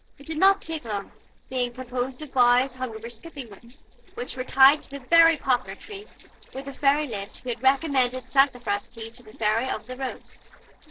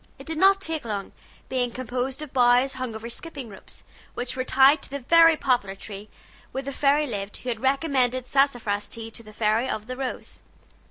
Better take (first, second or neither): second